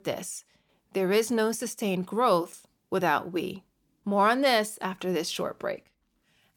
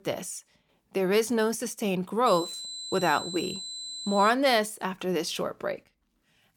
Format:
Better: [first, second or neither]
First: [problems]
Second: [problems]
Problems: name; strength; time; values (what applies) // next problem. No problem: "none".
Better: first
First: none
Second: high-pitched whine; loud; from 2.5 to 4.5 s; 4 kHz, 8 dB below the speech